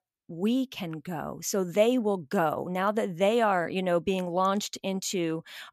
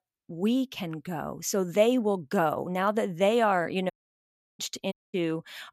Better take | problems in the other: first | audio cutting out; at 4 s for 0.5 s and at 5 s

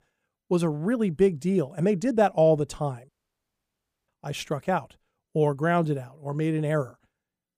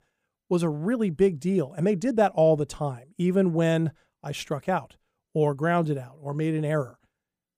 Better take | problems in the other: second | audio cutting out; at 3 s for 1 s

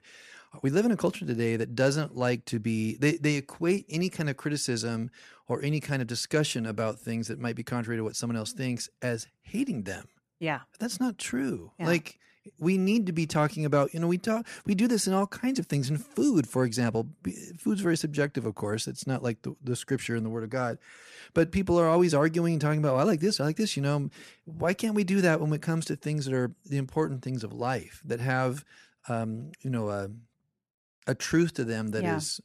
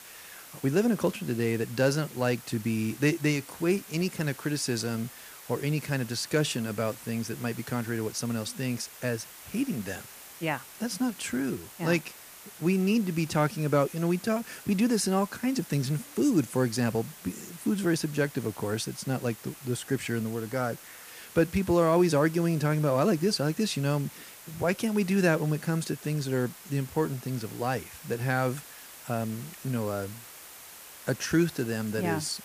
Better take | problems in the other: first | hiss; noticeable; throughout; 15 dB below the speech

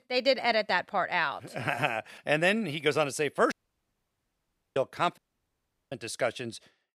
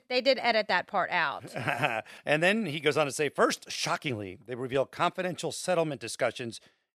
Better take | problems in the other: second | audio cutting out; at 3.5 s for 1 s and at 5 s for 0.5 s

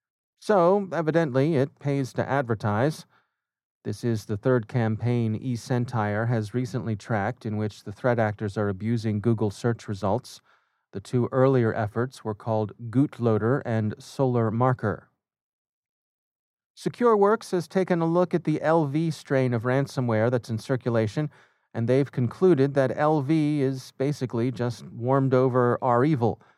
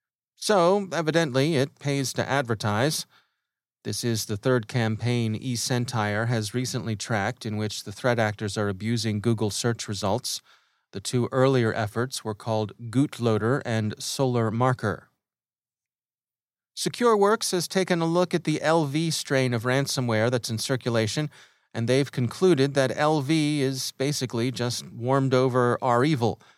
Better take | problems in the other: second | muffled; slightly; fading above 2 kHz

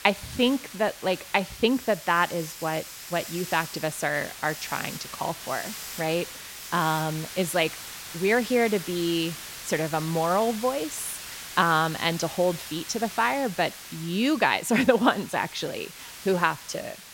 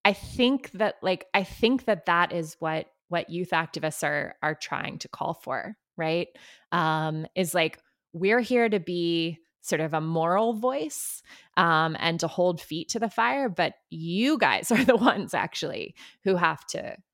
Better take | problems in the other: second | hiss; noticeable; throughout; 10 dB below the speech

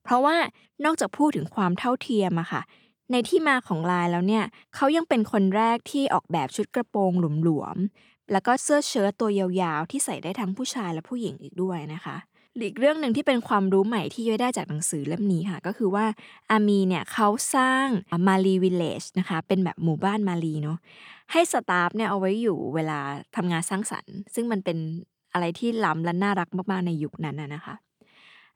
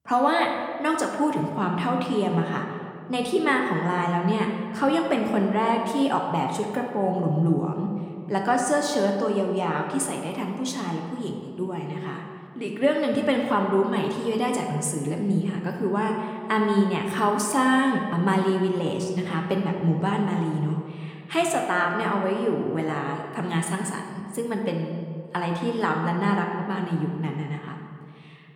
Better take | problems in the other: first | room echo; slight; dies away in 1.6 s

